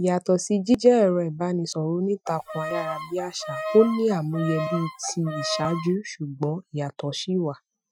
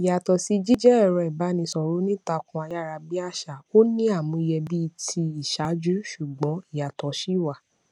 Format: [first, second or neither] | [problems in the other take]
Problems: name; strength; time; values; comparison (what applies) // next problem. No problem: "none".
second | noise reduction (classical method Wiener filter)